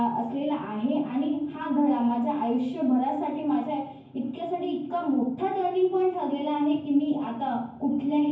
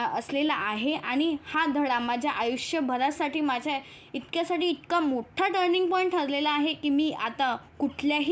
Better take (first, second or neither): second